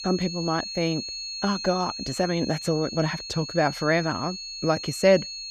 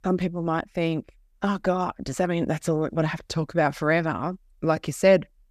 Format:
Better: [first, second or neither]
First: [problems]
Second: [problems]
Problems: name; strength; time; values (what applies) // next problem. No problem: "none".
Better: second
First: high-pitched whine; loud; throughout; 4.5 kHz, 7 dB below the speech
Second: none